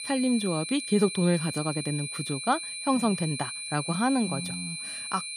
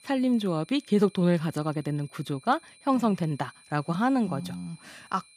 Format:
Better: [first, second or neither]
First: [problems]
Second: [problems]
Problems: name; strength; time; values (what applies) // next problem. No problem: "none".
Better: second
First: high-pitched whine; loud; throughout; 2.5 kHz, 5 dB below the speech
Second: high-pitched whine; faint; throughout; 2.5 kHz, 25 dB below the speech